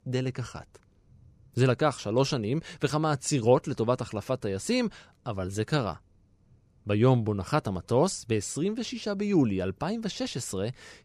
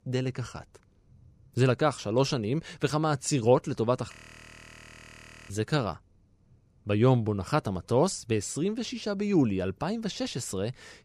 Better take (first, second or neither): first